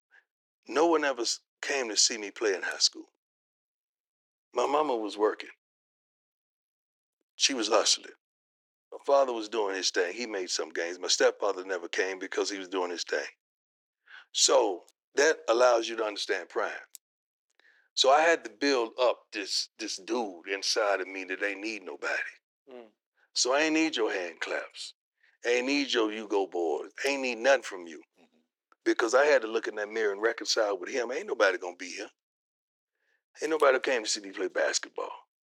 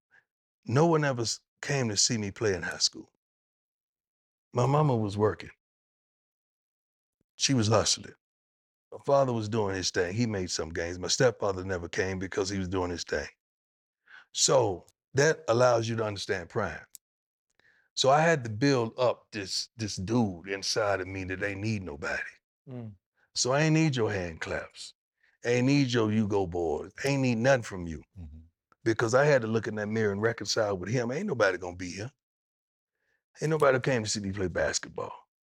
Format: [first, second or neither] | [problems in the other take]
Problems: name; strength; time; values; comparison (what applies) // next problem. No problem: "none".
second | thin; somewhat; fading below 300 Hz